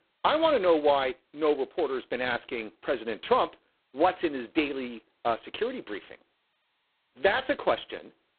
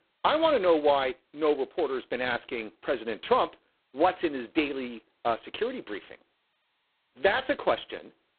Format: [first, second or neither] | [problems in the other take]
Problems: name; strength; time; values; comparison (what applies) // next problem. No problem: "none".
neither | phone-call audio; poor line; nothing above 4 kHz; the same in both